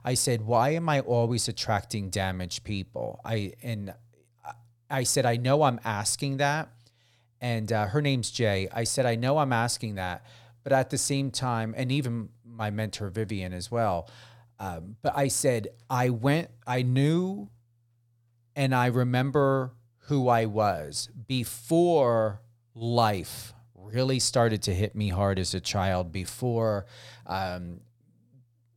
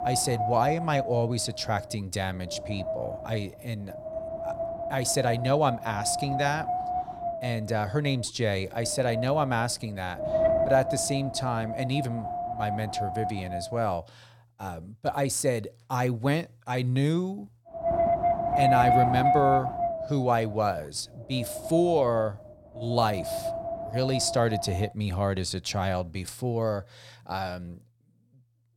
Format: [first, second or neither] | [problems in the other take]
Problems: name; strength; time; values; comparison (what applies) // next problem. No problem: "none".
first | wind noise on the microphone; heavy; until 14 s and from 18 to 25 s; 1 dB above the speech